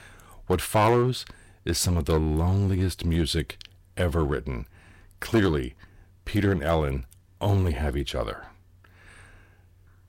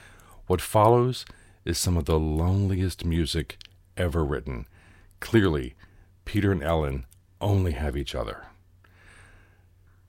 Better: second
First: distortion; slight; 4% of the sound clipped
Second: none

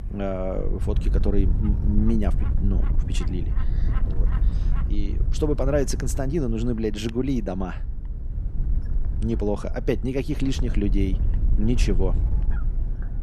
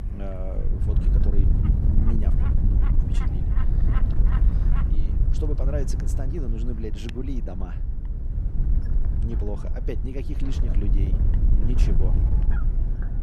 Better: first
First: wind noise on the microphone; occasional gusts; 15 dB below the speech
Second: wind noise on the microphone; heavy; 1 dB below the speech

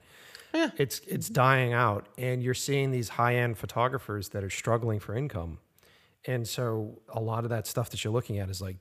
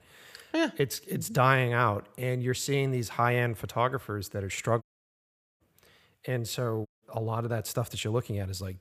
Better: first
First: none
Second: audio cutting out; at 5 s for 1 s and at 7 s

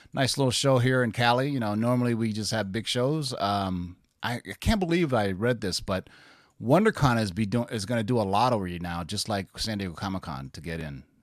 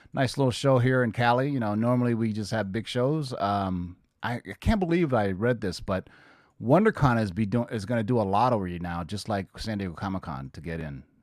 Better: first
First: none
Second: muffled; slightly; fading above 2.5 kHz

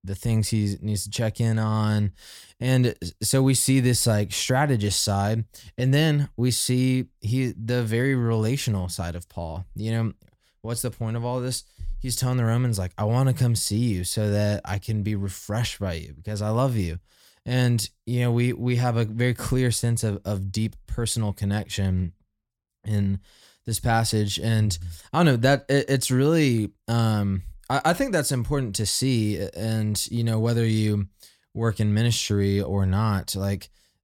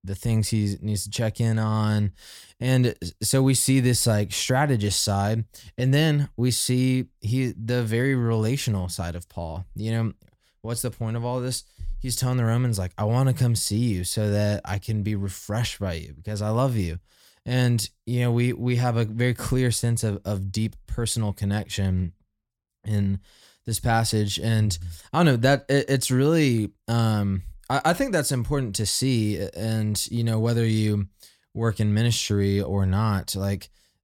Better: neither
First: none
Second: none

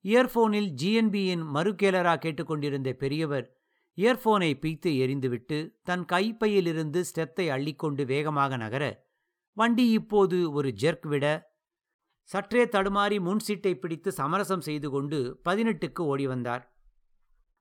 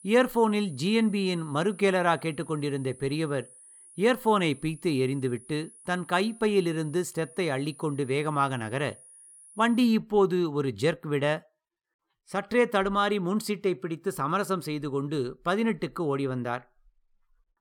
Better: first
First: none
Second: high-pitched whine; faint; until 10 s; 10.5 kHz, 20 dB below the speech

